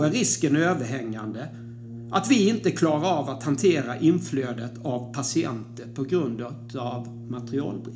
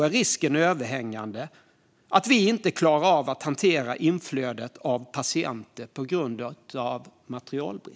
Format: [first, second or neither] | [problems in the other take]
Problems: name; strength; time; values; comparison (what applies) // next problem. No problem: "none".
second | background sound (Brass instrument); 12 dB below the speech // room echo; dies away in 0.4 s